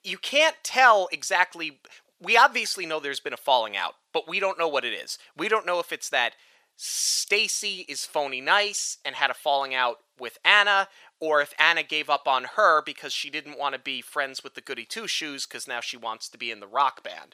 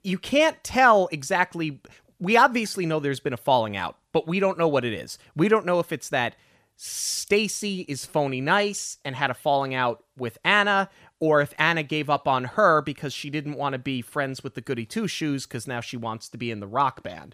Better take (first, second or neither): second